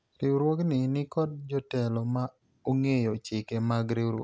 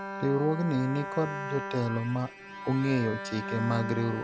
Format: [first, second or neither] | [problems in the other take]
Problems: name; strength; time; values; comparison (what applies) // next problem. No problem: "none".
first | background sound (Bowed string instrument); 8 dB below the speech